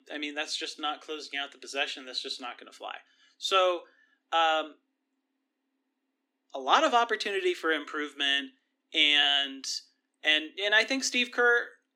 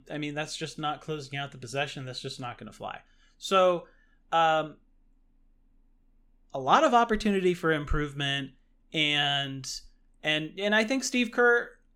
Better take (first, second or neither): second